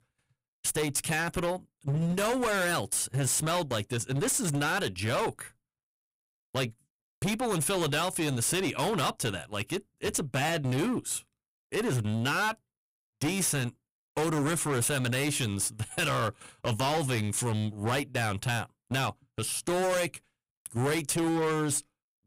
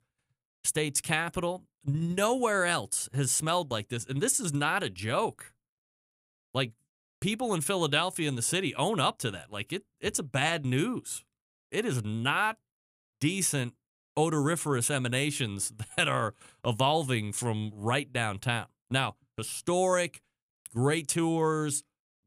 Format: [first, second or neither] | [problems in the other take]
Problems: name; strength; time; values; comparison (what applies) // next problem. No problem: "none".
second | distortion; heavy; 19% of the sound clipped